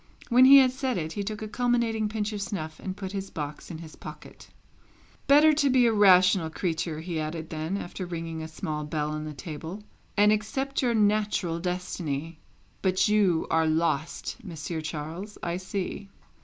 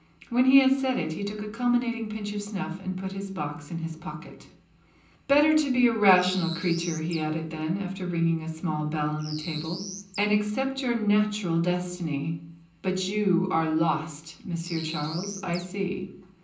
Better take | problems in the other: first | background sound (Bird); 13 dB below the speech // room echo; dies away in 0.6 s

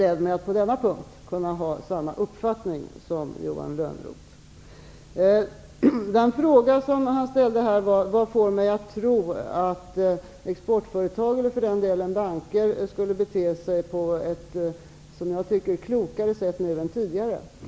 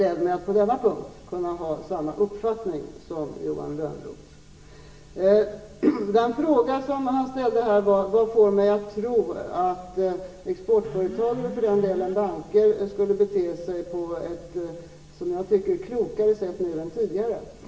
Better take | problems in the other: first | background sound (Alarm); 14 dB below the speech // room echo; dies away in 0.9 s

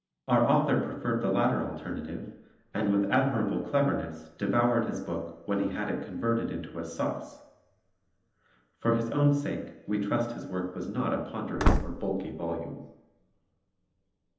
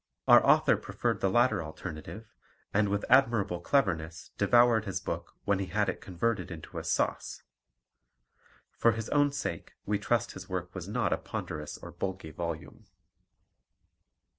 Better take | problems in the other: second | background sound (Slam / Wood); 2 dB above the speech // room echo; dies away in 0.9 s

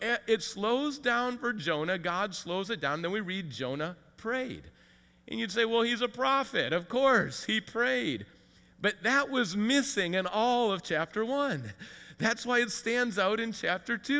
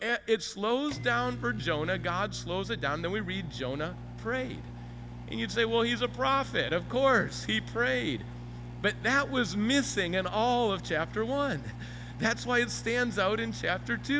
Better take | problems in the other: first | background sound (Microwave oven); 11 dB below the speech

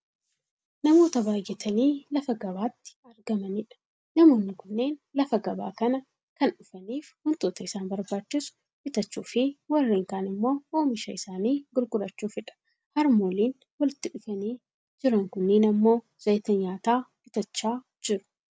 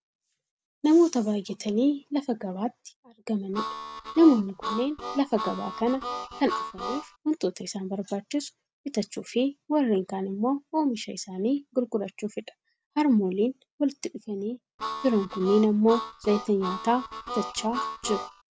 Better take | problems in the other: first | background sound (Harmonica); 8 dB below the speech

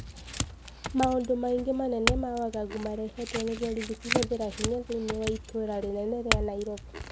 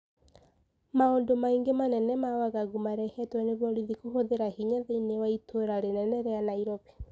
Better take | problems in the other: second | background sound (Chink, clink / Domestic sounds, home sounds); 4 dB below the speech

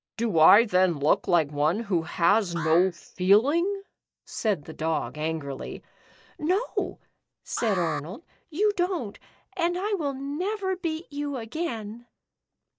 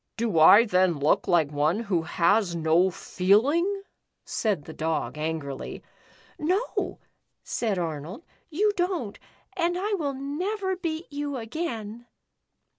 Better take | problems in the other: second | noise reduction (neural mask model DeepFilterNet 3)

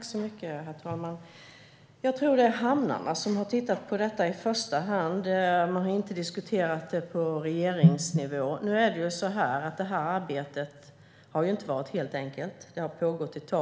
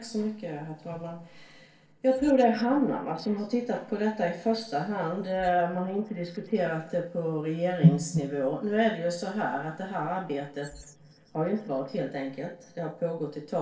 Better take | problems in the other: first | noise reduction (neural separator model SepFormer DNS4)

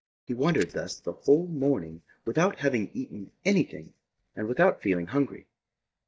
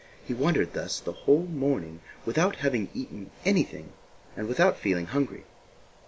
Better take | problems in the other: second | noise reduction (neural mask model DeepFilterNet 3)

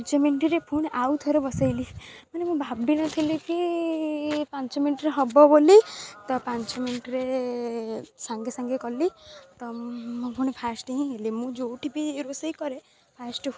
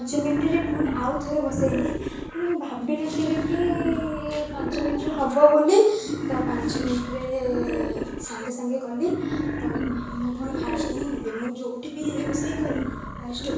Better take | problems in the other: first | background sound (Wild animals); 4 dB below the speech // room echo; dies away in 0.7 s

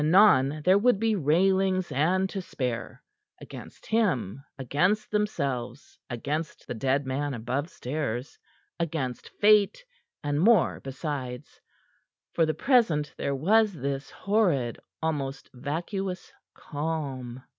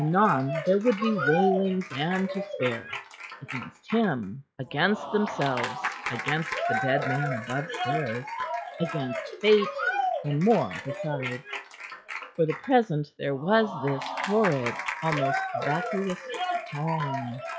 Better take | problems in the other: first | noise reduction (classical method log-MMSE)

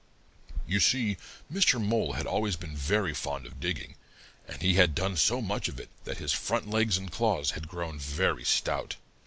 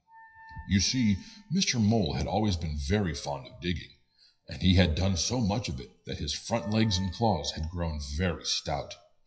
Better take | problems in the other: first | noise reduction (classical method WPE with log-MMSE)

